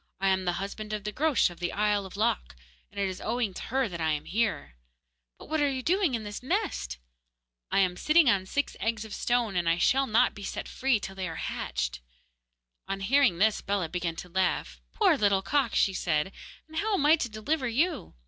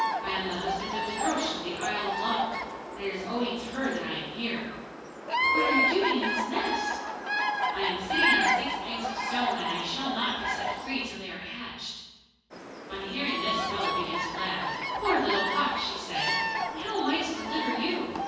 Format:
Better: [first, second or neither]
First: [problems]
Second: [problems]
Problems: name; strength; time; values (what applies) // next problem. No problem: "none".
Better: first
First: none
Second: background sound (Bird vocalization, bird call, bird song); 1 dB above the speech // room echo; dies away in 1.3 s